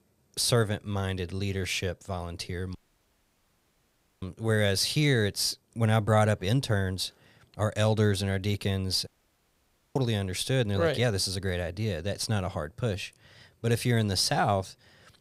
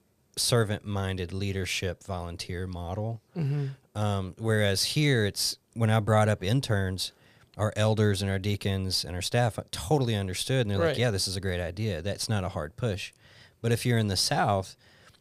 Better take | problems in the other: second | audio cutting out; at 3 s for 1.5 s and at 9 s for 1 s

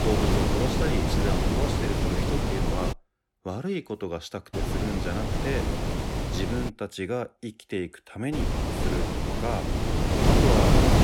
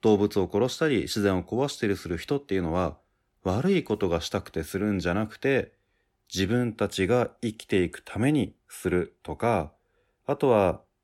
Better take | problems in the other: second | wind noise on the microphone; heavy; until 3 s, from 4.5 to 6.5 s and from 8.5 s on; 4 dB above the speech

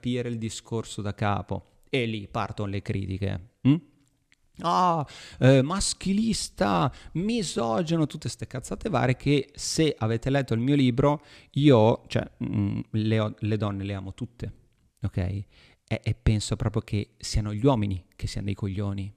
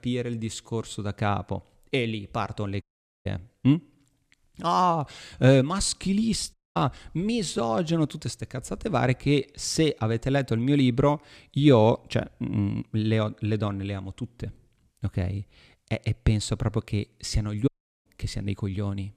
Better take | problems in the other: first | audio cutting out; at 3 s, at 6.5 s and at 18 s

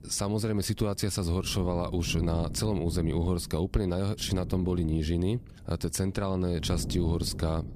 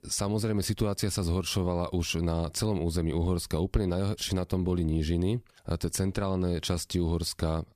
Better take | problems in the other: second | wind noise on the microphone; occasional gusts; 15 dB below the speech

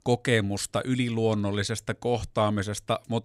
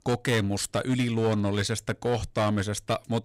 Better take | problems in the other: first | distortion; slight; 9% of the sound clipped

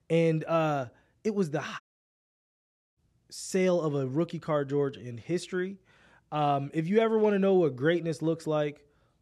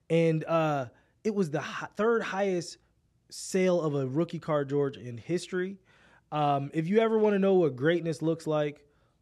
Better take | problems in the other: second | audio cutting out; at 2 s for 1 s

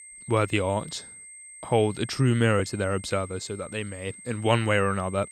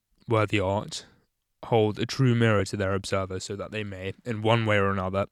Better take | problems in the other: second | high-pitched whine; noticeable; throughout; 8.5 kHz, 15 dB below the speech

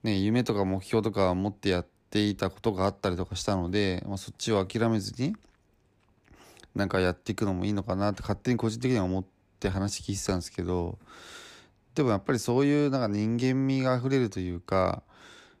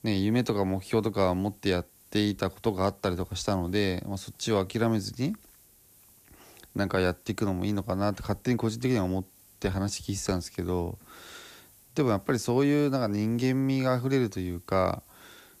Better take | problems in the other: first | hiss; faint; throughout; 25 dB below the speech

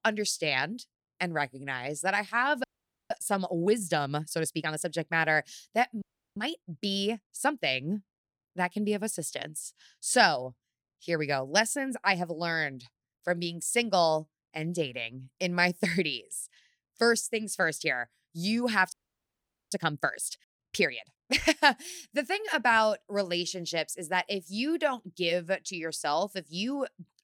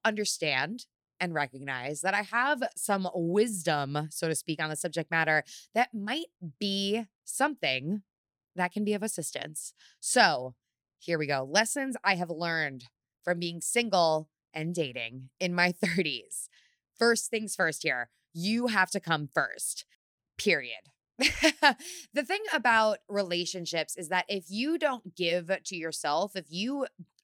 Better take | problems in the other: second | audio freezing; at 2.5 s, at 6 s and at 19 s for 1 s

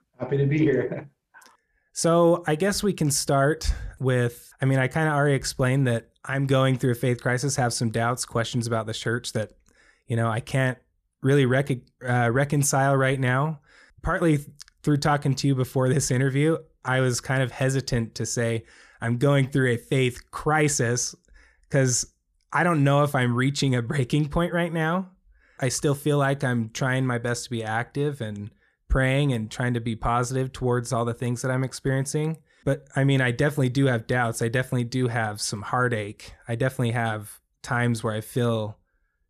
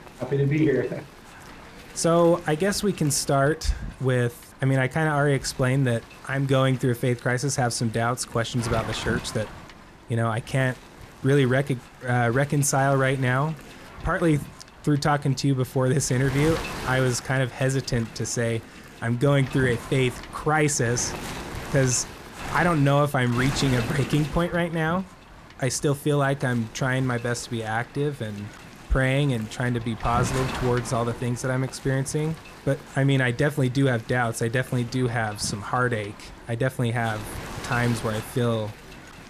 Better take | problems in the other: first | wind noise on the microphone; occasional gusts; 15 dB below the speech

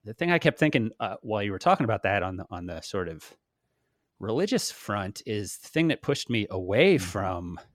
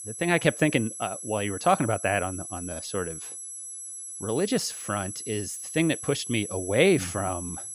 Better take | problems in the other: first | high-pitched whine; loud; throughout; 11 kHz, 8 dB below the speech

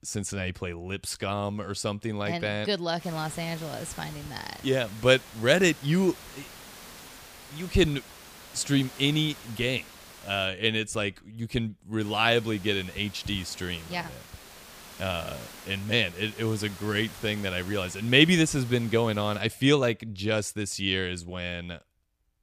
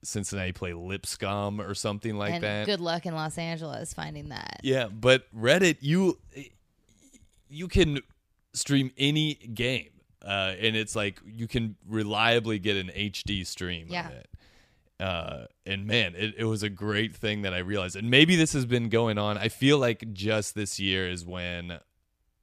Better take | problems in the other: second | hiss; noticeable; from 3 to 10 s and from 12 to 19 s; 20 dB below the speech

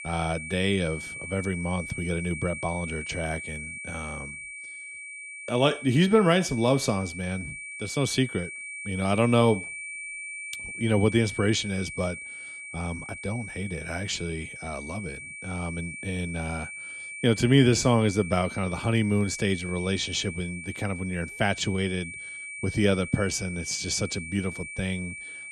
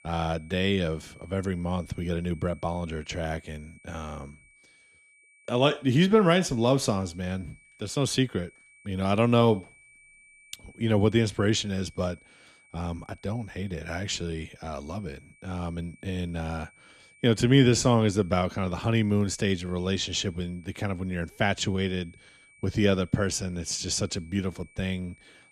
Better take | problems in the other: second | high-pitched whine; loud; throughout; 2.5 kHz, 9 dB below the speech; faint in the second

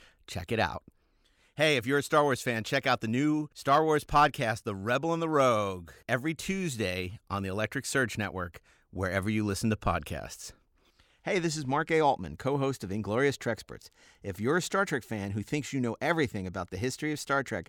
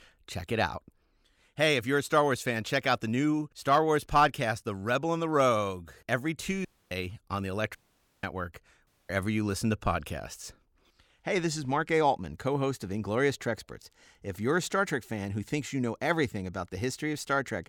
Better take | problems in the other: first | audio cutting out; at 6.5 s, at 8 s and at 9 s

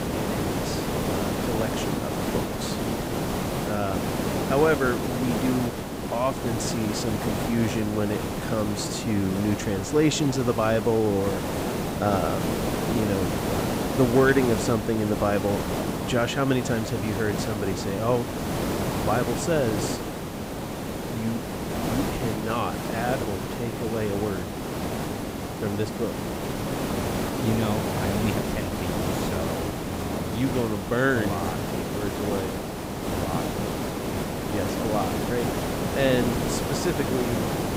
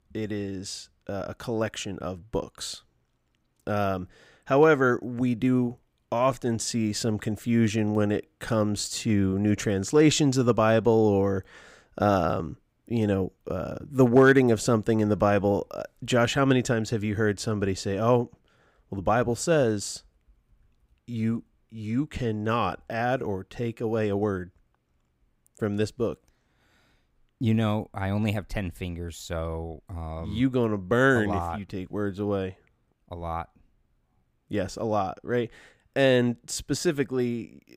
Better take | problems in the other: second | hiss; loud; throughout; 1 dB below the speech

